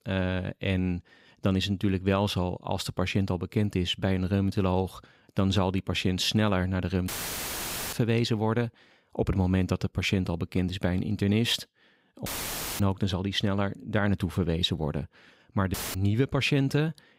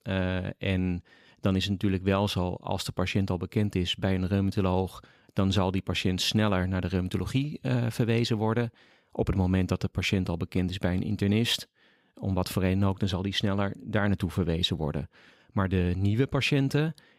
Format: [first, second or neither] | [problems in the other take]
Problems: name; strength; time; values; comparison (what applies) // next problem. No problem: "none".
second | audio cutting out; filled with static; at 7 s for 1 s, at 12 s for 0.5 s and at 16 s